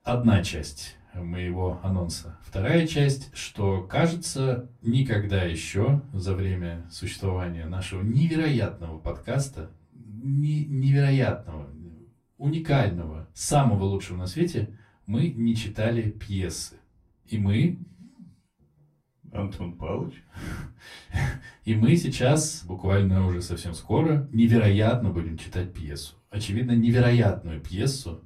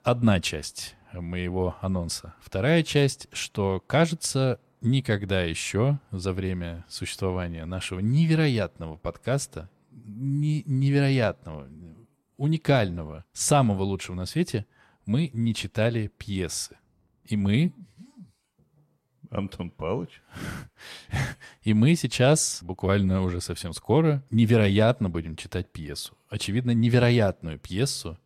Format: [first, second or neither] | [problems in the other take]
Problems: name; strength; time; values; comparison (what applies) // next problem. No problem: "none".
second | off-mic speech; far // room echo; very slight; dies away in 0.2 s